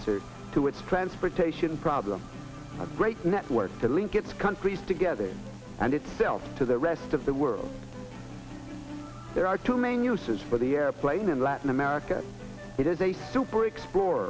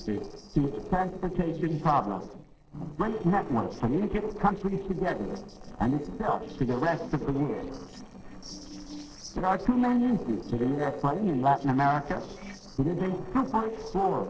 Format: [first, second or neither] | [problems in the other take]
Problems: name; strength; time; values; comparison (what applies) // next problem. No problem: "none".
first | noise reduction (neural separator model SepFormer DNS4)